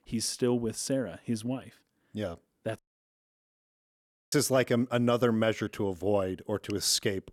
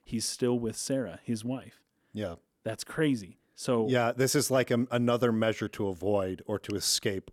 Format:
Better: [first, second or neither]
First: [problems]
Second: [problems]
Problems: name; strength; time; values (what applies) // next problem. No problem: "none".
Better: second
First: audio cutting out; at 3 s for 1.5 s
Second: none